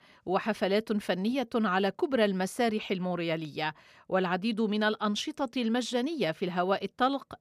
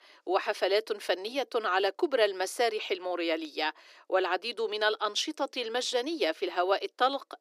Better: first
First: none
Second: thin; very; fading below 300 Hz

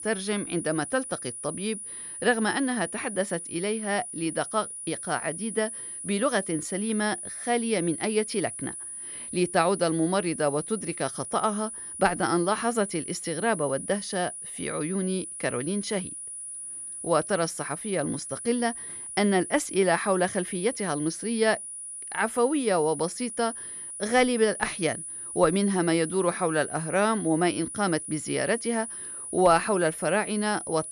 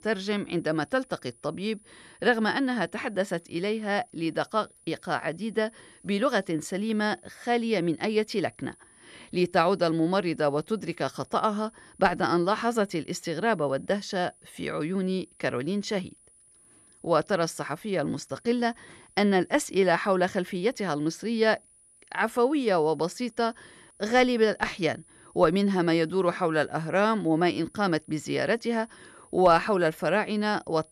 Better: second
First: high-pitched whine; loud; throughout; 9.5 kHz, 8 dB below the speech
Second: high-pitched whine; faint; throughout; 9.5 kHz, 30 dB below the speech

